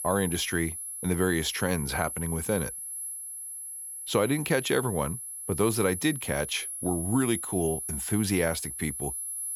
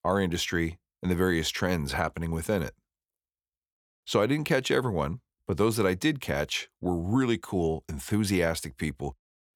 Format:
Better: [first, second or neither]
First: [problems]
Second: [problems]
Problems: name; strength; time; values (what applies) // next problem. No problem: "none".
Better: second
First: high-pitched whine; loud; throughout; 11 kHz, 5 dB below the speech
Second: none